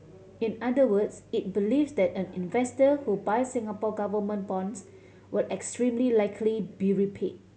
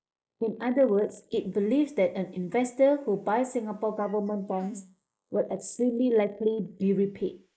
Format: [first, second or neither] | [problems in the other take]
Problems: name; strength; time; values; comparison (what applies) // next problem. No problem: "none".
first | noise reduction (neural mask model Resemble Enhance denoiser)